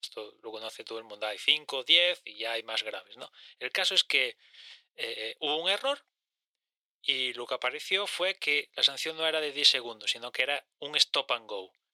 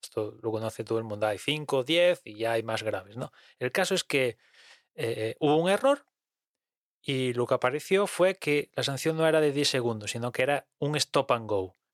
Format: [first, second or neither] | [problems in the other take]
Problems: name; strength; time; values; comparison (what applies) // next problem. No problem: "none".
second | thin; somewhat; fading below 500 Hz